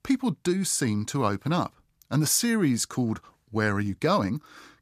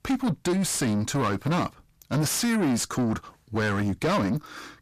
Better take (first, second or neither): first